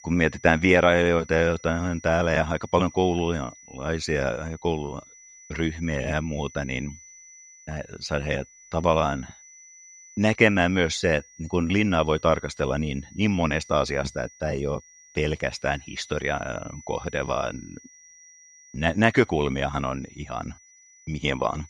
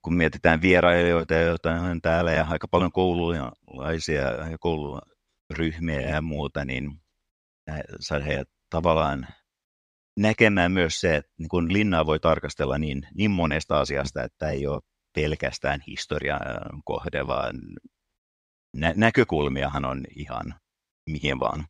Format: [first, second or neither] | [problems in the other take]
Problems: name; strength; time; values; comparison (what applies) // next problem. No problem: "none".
second | high-pitched whine; faint; throughout; 6 kHz, 25 dB below the speech